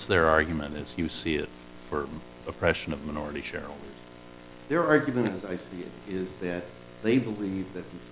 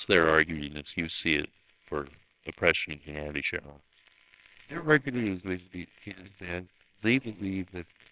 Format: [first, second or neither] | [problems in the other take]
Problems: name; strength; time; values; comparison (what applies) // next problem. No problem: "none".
first | noise reduction (neural separator model SepFormer WHAMR!)